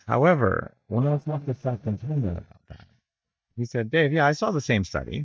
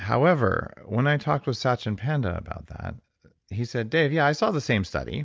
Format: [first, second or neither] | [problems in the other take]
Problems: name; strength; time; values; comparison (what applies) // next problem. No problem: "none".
second | noise reduction (neural mask model DeepFilterNet 3)